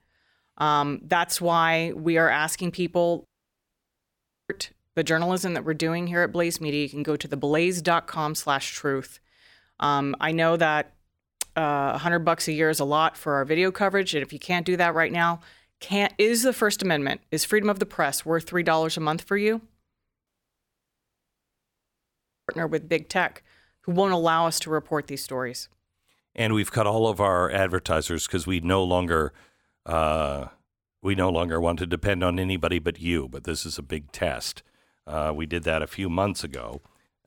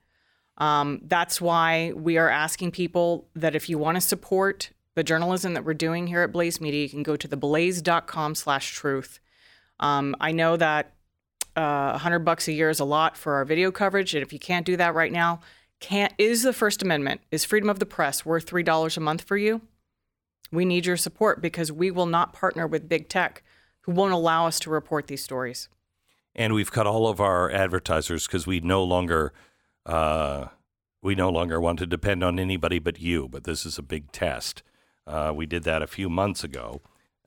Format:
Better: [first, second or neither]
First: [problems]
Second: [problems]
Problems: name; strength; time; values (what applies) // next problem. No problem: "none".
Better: second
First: audio cutting out; at 3.5 s for 1.5 s and at 20 s for 2 s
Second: none